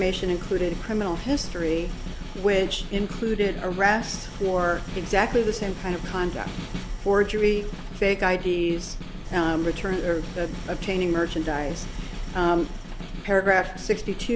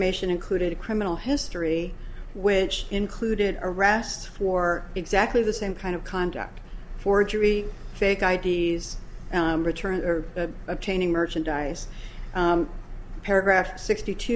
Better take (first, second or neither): second